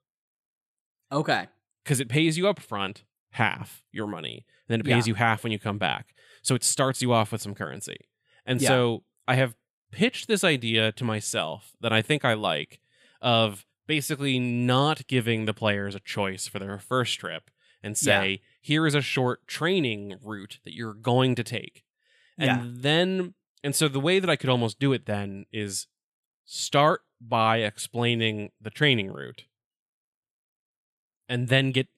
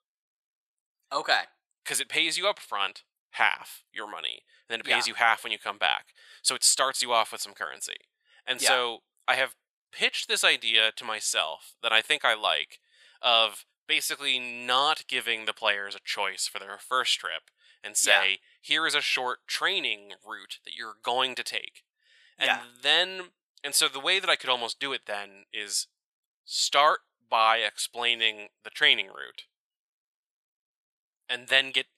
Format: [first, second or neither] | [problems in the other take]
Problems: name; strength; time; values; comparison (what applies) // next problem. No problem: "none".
first | thin; very; fading below 900 Hz